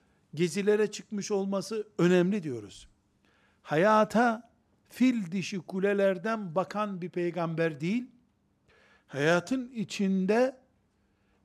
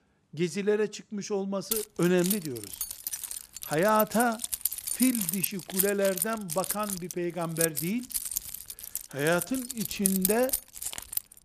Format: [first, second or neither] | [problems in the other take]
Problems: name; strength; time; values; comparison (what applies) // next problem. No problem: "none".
first | jangling keys; loud; from 1.5 s on; peak 3 dB above the speech